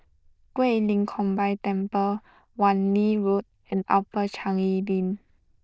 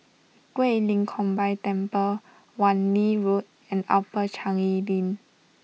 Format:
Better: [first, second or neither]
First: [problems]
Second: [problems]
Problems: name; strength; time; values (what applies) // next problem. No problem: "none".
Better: second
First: noise reduction (neural diffusion model UNIVERSE++)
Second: none